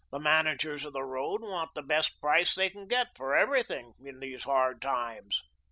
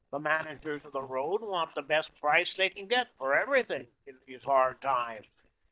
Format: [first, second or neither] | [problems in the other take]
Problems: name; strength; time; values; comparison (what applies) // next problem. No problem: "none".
first | noise reduction (neural mask model DeepFilterNet 3)